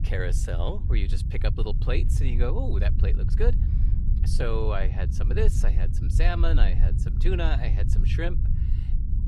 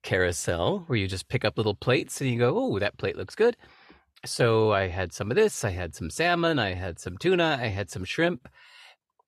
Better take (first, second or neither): second